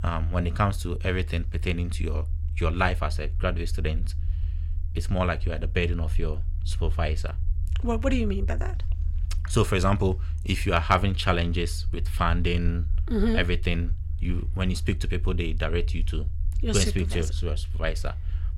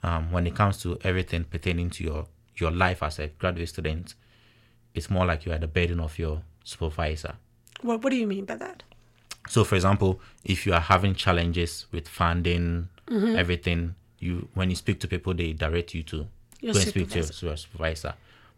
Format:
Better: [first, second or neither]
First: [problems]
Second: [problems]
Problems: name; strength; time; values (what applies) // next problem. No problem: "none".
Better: second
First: low rumble; faint; throughout; 20 dB below the speech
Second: none